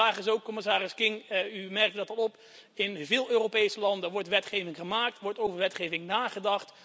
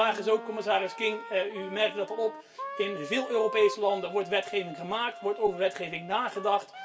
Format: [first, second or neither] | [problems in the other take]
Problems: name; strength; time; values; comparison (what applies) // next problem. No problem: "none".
first | background sound (Wind instrument, woodwind instrument); 12 dB below the speech // room echo; dies away in 0.2 s